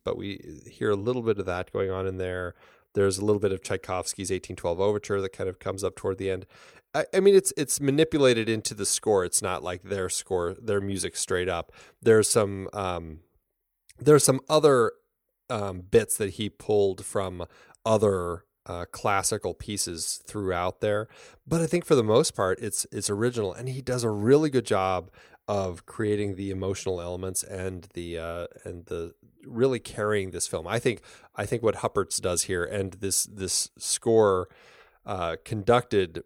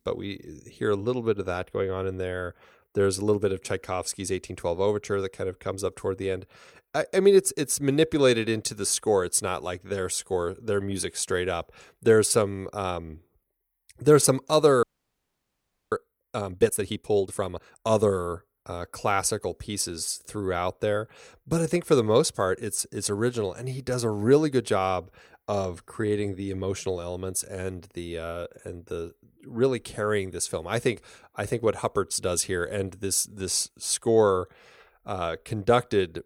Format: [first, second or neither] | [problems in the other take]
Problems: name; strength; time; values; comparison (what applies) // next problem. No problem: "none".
first | audio freezing; at 15 s for 1 s